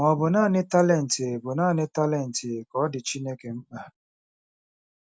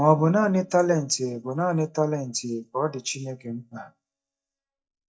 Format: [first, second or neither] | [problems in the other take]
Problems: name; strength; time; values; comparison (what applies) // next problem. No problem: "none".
first | noise reduction (neural mask model DeepFilterNet 3)